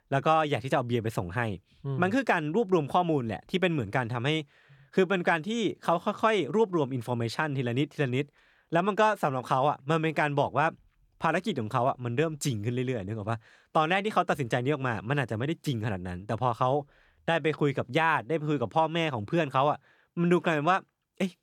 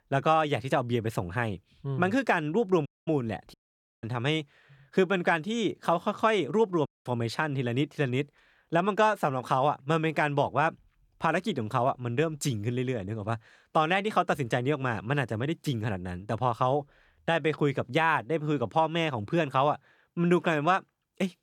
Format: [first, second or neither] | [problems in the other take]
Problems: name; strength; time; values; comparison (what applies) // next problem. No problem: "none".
first | audio cutting out; at 3 s, at 3.5 s and at 7 s